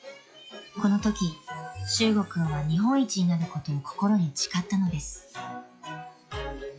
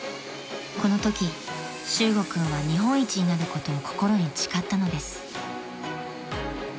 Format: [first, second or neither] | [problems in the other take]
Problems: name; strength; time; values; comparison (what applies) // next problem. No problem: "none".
second | noise reduction (classical method log-MMSE)